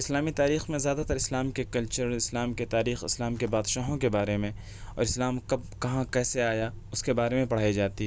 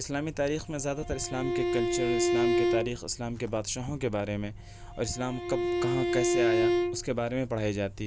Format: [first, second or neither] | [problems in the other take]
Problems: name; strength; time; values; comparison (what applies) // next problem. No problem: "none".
first | background sound (Bowed string instrument); 3 dB above the speech